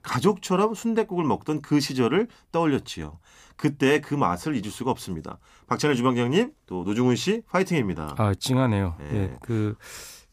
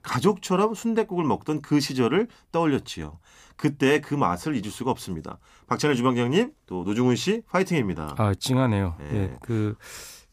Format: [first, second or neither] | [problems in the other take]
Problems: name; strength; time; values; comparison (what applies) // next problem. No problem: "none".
neither | none